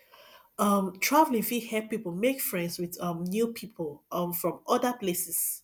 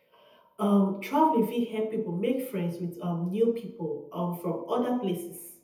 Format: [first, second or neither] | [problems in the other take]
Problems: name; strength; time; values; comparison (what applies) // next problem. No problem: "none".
first | room echo; dies away in 0.7 s